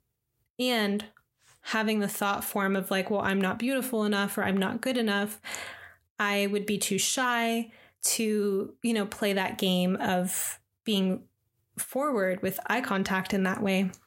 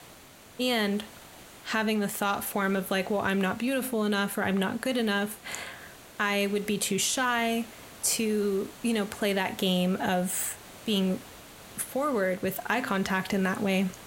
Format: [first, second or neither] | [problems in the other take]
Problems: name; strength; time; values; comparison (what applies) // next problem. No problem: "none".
first | hiss; noticeable; throughout; 20 dB below the speech